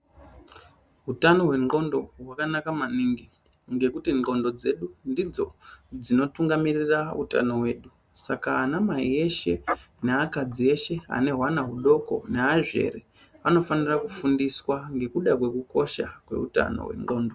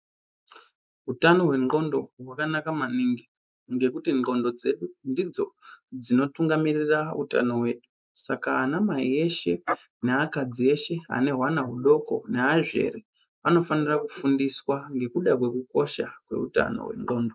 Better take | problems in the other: first | noise reduction (neural mask model Resemble Enhance denoiser)

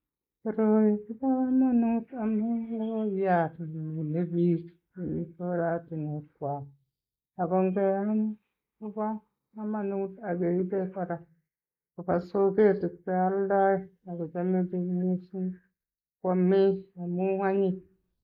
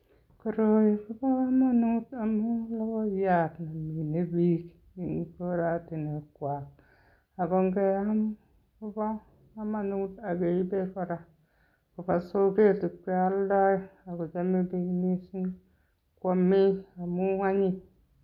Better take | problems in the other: second | noise reduction (neural mask model Resemble Enhance denoiser)

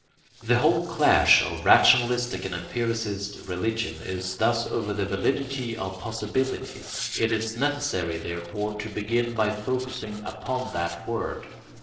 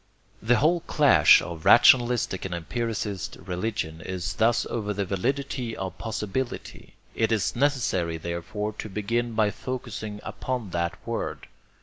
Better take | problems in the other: second | noise reduction (neural separator model SepFormer DNS4)

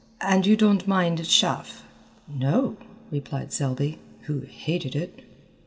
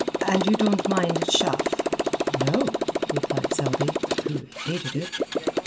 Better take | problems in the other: first | background sound (Motorcycle); 2 dB above the speech

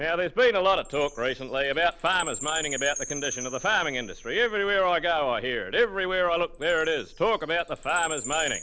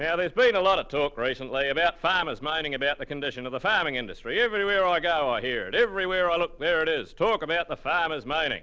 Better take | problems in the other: second | background sound (Chime); 14 dB below the speech

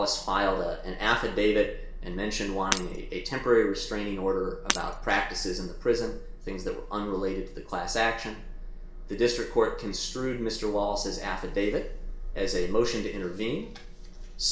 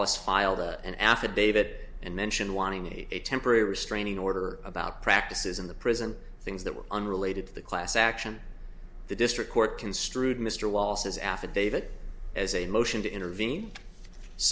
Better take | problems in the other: second | background sound (Shatter); 9 dB below the speech // room echo; dies away in 0.4 s

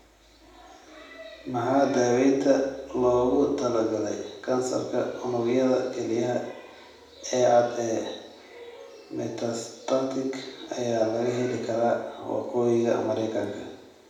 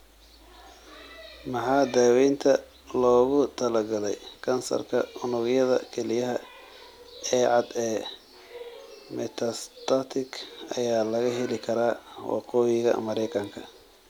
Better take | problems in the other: second | room echo; dies away in 0.9 s

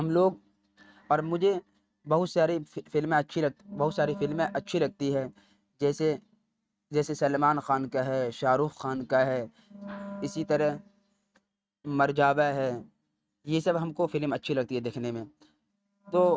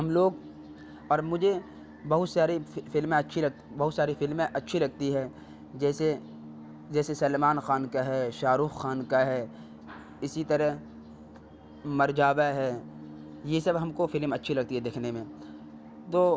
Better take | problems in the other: second | noise reduction (neural mask model RNNoise)

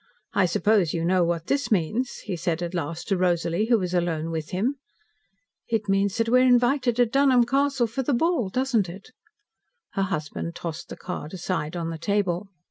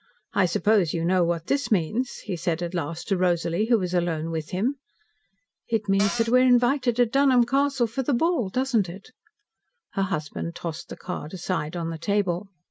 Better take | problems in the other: first | background sound (Cupboard open or close); 7 dB below the speech

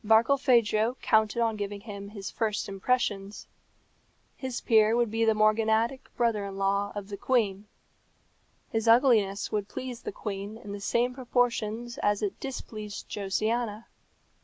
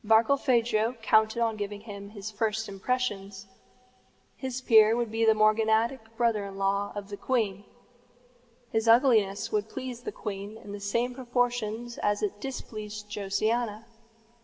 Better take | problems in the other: first | room echo; dies away in 1.9 s

